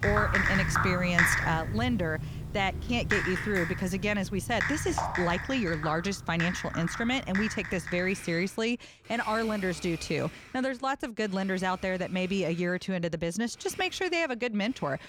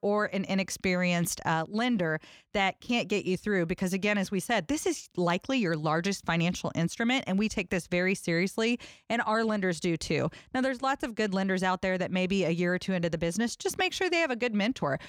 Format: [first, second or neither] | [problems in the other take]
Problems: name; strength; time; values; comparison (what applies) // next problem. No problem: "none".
second | household noises; loud; throughout; 1 dB below the speech